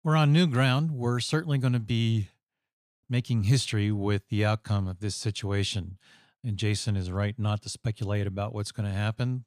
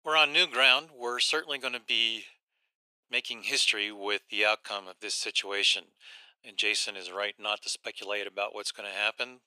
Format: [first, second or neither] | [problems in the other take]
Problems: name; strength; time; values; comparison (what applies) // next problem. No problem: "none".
first | thin; very; fading below 450 Hz